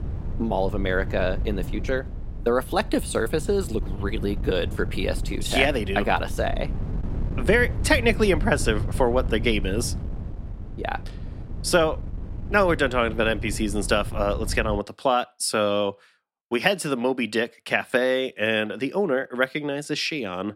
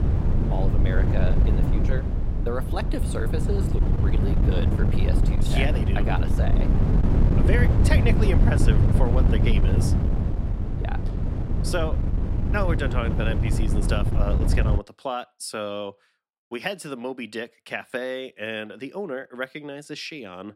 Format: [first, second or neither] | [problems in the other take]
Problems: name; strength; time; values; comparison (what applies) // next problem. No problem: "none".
first | wind noise on the microphone; heavy; until 15 s; 2 dB below the speech; occasional gusts in the first